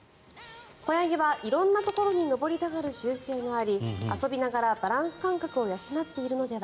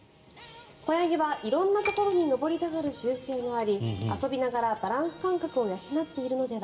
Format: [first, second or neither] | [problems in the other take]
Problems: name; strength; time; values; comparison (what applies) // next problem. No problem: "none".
first | background sound (Piano); 14 dB below the speech // room echo; dies away in 1.1 s